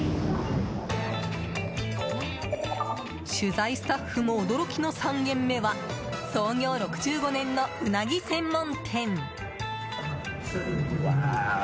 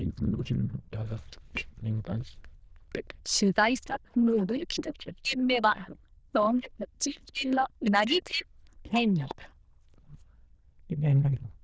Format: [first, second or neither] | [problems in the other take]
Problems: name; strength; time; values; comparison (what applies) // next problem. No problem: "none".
first | noise reduction (neural diffusion model UNIVERSE++)